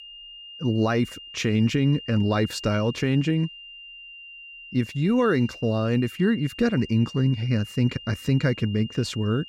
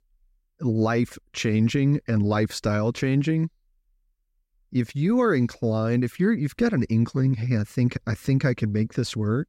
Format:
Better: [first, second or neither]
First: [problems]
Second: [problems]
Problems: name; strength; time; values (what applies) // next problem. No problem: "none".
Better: second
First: high-pitched whine; noticeable; throughout; 3 kHz, 15 dB below the speech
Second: none